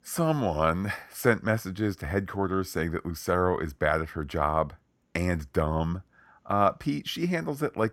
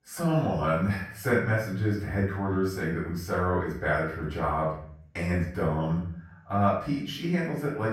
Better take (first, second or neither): first